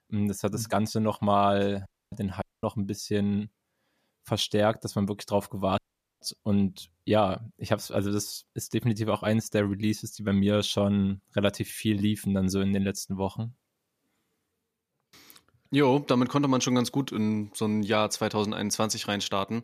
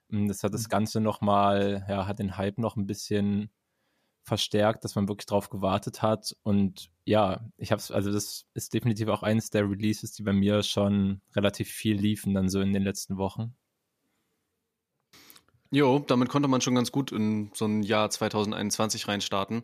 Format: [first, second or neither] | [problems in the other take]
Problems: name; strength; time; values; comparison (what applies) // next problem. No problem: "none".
second | audio cutting out; at 2 s, at 2.5 s and at 6 s